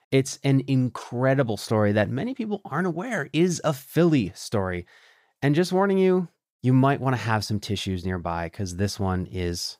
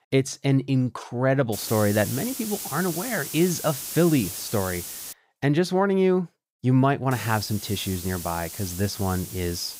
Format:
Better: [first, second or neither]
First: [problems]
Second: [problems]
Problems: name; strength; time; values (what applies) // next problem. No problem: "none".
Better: first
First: none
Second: hiss; loud; from 1.5 to 5 s and from 7 s on; 8 dB below the speech